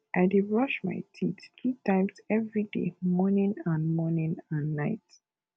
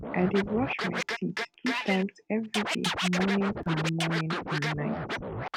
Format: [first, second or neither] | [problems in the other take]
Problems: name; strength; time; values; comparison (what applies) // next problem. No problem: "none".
first | background sound (Scratching (performance technique)); 3 dB below the speech